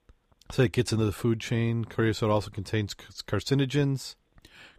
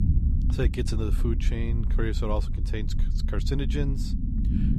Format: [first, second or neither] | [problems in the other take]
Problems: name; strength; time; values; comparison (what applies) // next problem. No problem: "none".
first | low rumble; loud; throughout; 7 dB below the speech